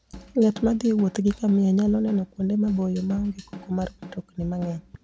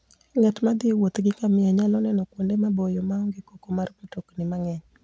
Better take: second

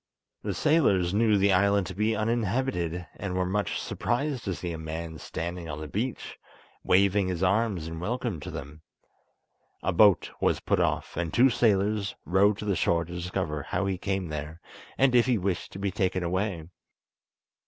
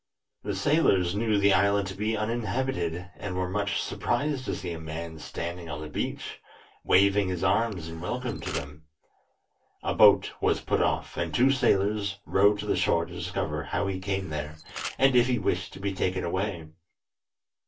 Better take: first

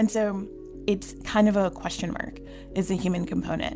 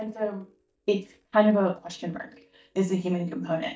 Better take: first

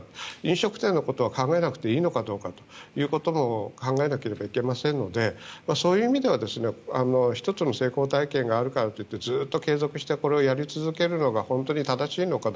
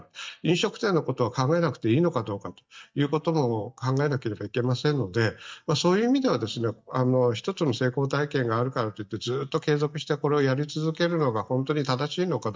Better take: first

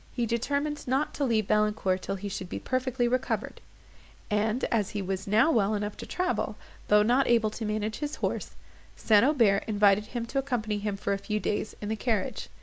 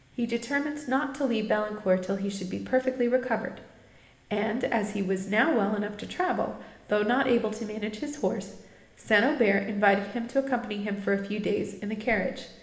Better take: first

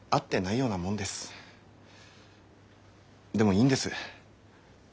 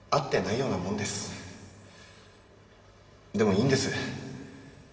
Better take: first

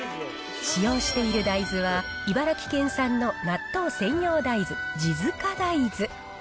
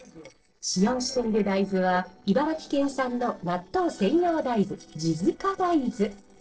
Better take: first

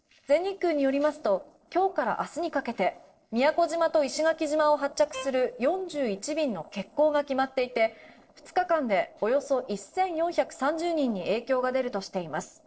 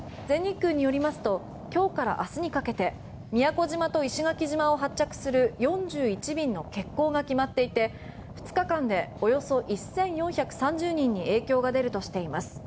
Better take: second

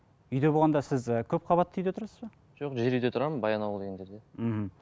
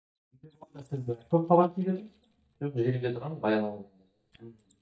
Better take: first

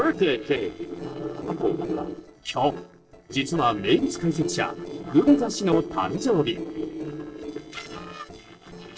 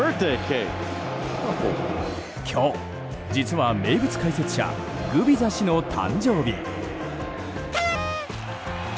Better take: second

